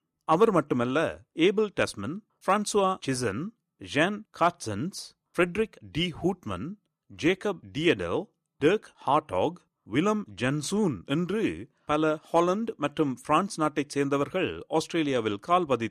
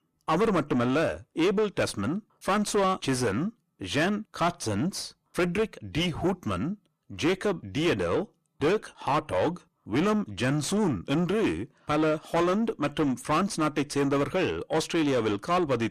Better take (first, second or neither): first